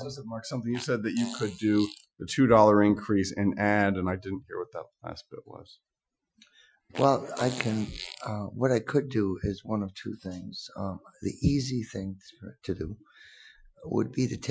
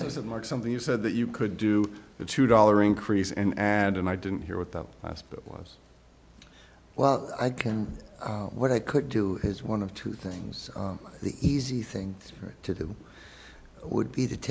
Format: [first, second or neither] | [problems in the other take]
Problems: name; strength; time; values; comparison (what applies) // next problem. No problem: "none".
second | noise reduction (classical method Wiener filter)